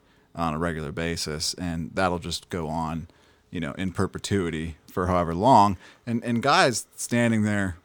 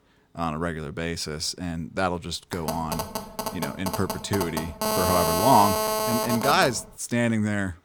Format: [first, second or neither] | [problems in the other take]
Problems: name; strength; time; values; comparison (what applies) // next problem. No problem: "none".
first | phone ringing; loud; from 2.5 to 7 s; peak 3 dB above the speech